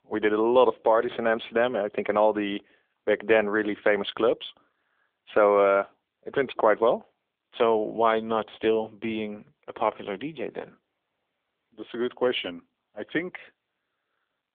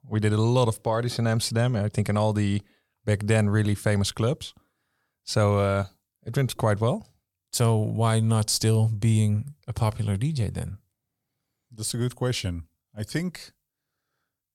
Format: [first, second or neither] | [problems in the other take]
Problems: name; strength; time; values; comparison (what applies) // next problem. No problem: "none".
second | phone-call audio; nothing above 3.5 kHz